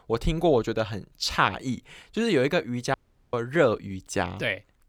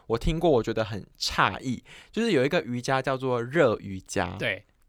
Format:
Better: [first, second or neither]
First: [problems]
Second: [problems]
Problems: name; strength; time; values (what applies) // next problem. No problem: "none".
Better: second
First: audio cutting out; at 3 s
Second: none